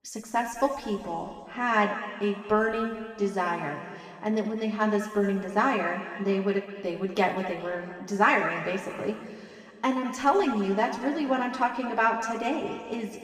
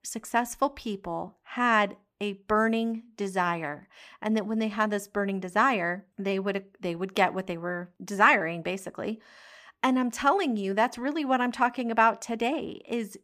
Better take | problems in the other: second | room echo; noticeable; dies away in 2.1 s // off-mic speech; far

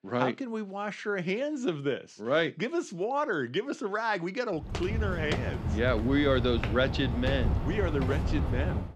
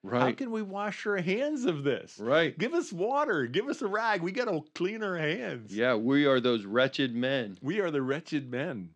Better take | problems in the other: second | footsteps; loud; from 4.5 s on; peak 1 dB above the speech

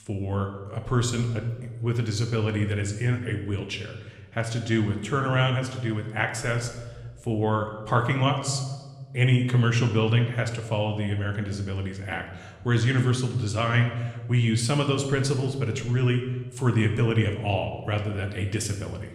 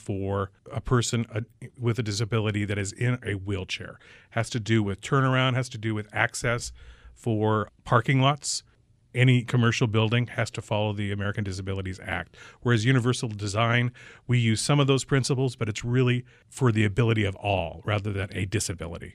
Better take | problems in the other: second | room echo; slight; dies away in 1 s

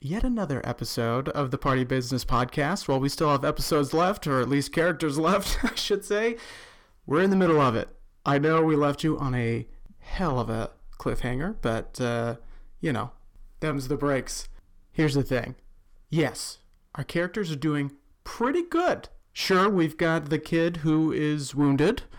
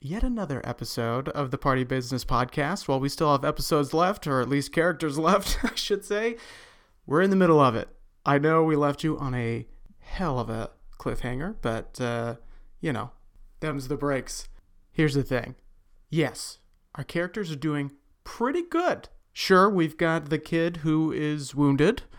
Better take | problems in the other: second | distortion; slight; 10 dB below the speech

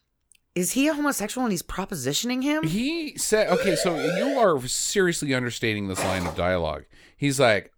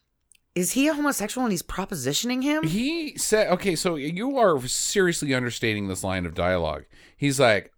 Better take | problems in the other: second | siren; noticeable; at 3.5 s; peak 2 dB below the speech // footsteps; noticeable; at 6 s; peak 5 dB below the speech

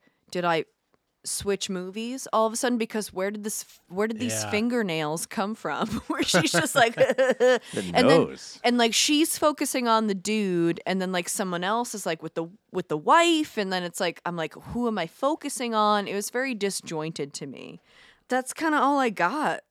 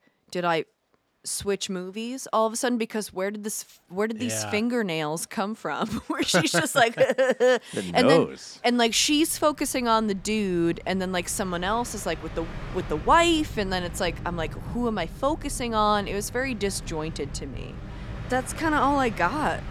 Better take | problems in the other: first | train or aircraft noise; noticeable; throughout; 15 dB below the speech

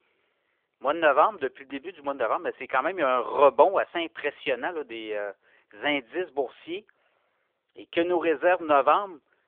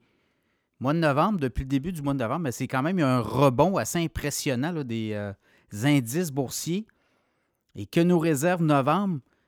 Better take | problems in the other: second | phone-call audio; nothing above 3.5 kHz

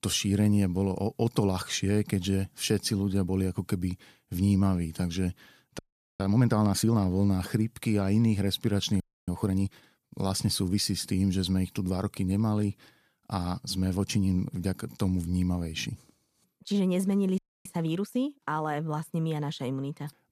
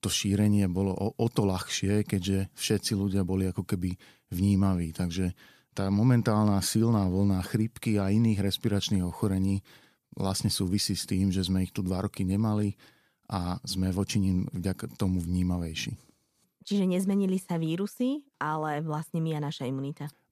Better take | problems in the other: second | audio freezing; at 6 s, at 9 s and at 17 s

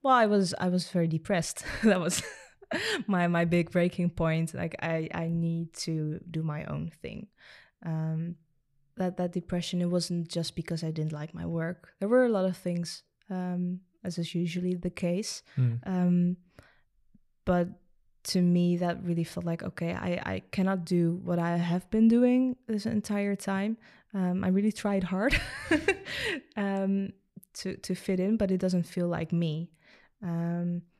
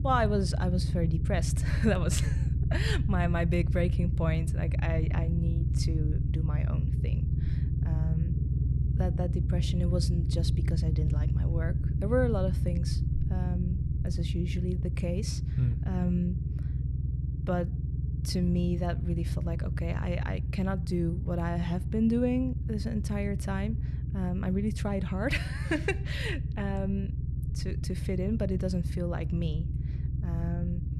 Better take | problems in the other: first | low rumble; loud; throughout; 8 dB below the speech

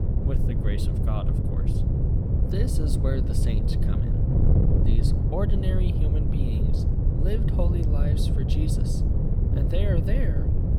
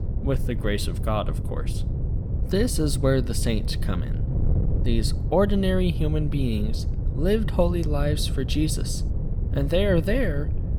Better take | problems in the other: second | wind noise on the microphone; heavy; 1 dB above the speech; occasional gusts in the second

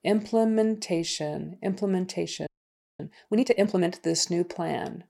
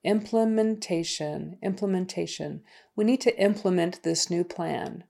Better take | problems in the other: second | audio freezing; at 2.5 s for 0.5 s

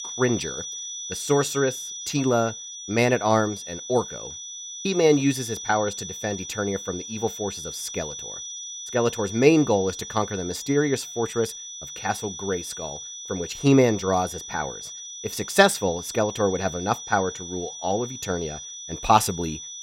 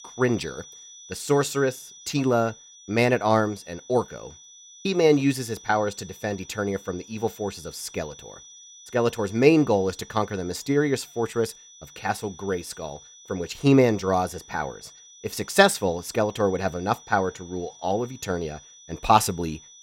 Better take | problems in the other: second | high-pitched whine; loud; throughout; 6 kHz, 9 dB below the speech; faint in the second

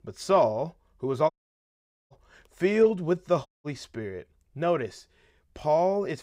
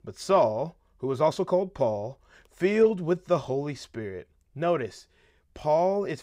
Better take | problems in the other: second | audio cutting out; at 1.5 s for 1 s and at 3.5 s

